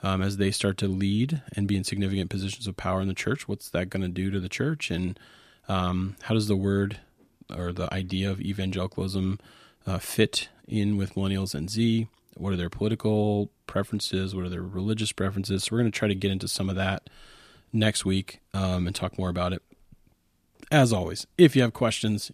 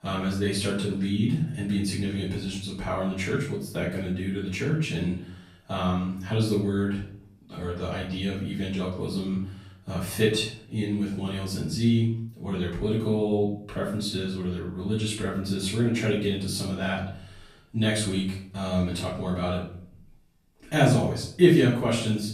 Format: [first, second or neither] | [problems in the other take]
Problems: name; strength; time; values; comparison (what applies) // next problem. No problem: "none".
first | room echo; noticeable; dies away in 0.5 s // off-mic speech; far